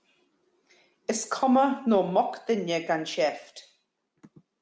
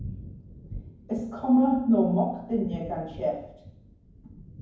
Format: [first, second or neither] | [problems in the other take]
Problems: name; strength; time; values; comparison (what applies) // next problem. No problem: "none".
first | background sound (Thunder); 16 dB below the speech // room echo; dies away in 0.9 s